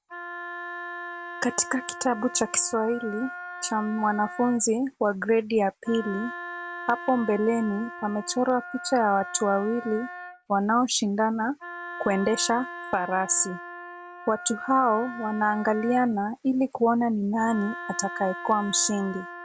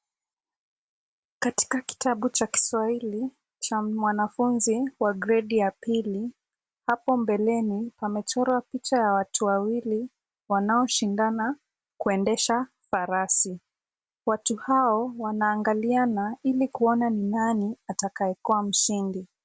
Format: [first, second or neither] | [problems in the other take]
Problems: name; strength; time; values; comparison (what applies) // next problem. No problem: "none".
second | background sound (Wind instrument, woodwind instrument); 13 dB below the speech